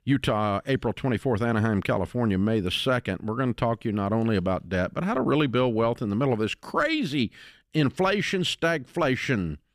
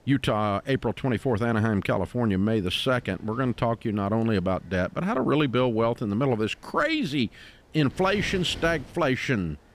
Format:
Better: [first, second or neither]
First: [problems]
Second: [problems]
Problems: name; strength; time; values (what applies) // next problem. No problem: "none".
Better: first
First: none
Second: wind noise on the microphone; occasional gusts; 25 dB below the speech